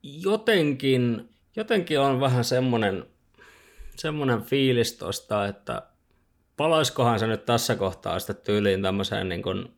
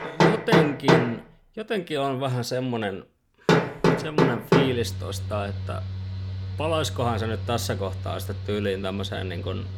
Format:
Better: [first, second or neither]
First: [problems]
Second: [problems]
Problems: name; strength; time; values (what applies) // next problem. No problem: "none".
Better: first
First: none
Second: machinery noise; very loud; throughout; 3 dB above the speech